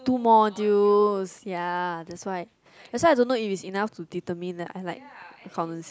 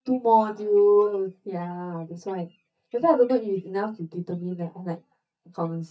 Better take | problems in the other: first | noise reduction (neural mask model DeepFilterNet 3)

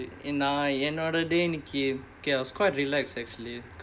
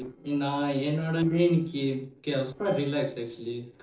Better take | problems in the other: first | noise reduction (neural separator model SepFormer DNS4)

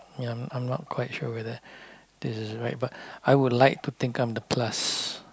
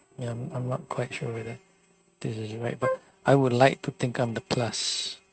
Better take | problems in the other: first | noise reduction (neural mask model RNNoise)

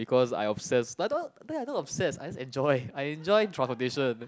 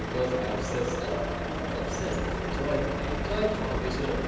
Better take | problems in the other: first | background sound (Truck); 1 dB above the speech // room echo; dies away in 1.1 s

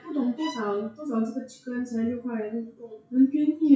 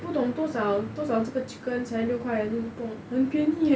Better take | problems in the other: second | noise reduction (classical method WPE with log-MMSE)

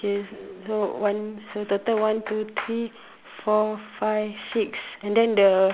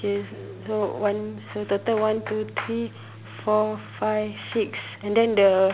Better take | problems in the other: first | background sound (Tools); 18 dB below the speech

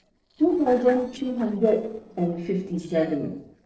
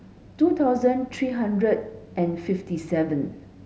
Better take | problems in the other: second | noise reduction (neural separator model SepFormer DNS4)

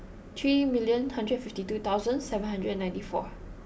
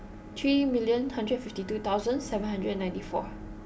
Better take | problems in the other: first | background sound (Bowed string instrument); 18 dB below the speech

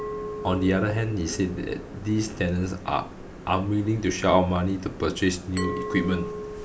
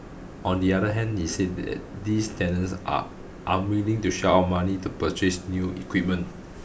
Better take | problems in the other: second | background sound (Glass); 12 dB below the speech

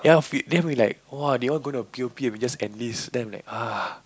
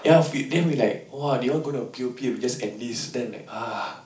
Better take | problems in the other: first | room echo; dies away in 0.4 s

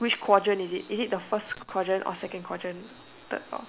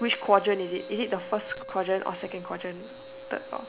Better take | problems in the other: first | background sound (Wind instrument, woodwind instrument); 13 dB below the speech

